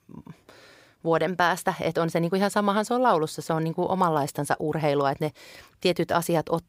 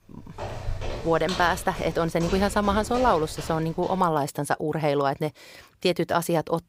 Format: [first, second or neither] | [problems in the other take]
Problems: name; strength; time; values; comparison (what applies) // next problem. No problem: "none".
first | footsteps; noticeable; until 4 s; peak 8 dB below the speech